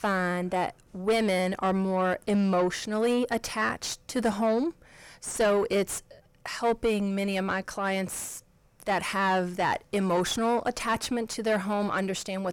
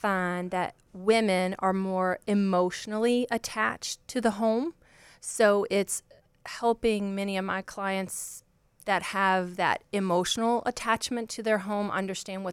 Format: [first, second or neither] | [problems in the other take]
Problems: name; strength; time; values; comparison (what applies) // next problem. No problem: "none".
second | distortion; slight; 9 dB below the speech